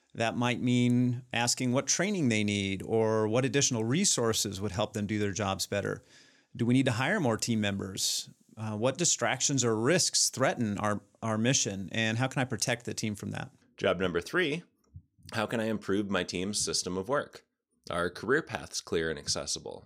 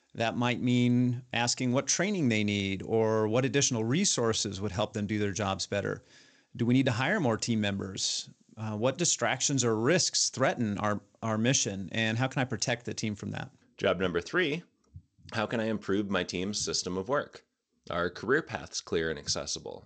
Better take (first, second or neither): first